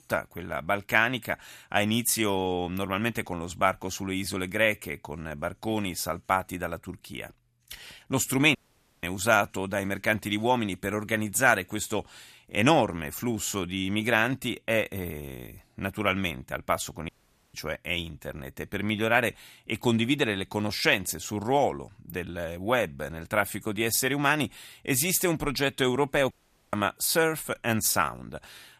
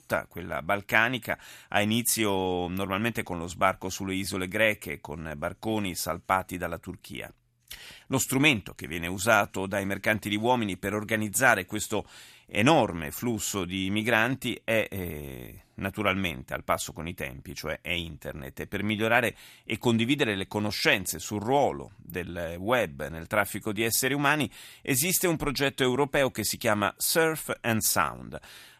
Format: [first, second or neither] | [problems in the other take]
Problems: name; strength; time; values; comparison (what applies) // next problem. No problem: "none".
second | audio cutting out; at 8.5 s, at 17 s and at 26 s